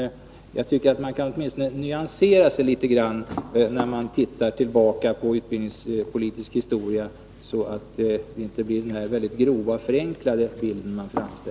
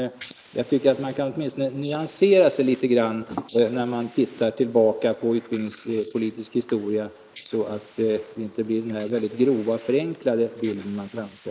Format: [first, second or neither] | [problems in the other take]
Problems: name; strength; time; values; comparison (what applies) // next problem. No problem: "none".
first | noise reduction (neural mask model Resemble Enhance denoiser)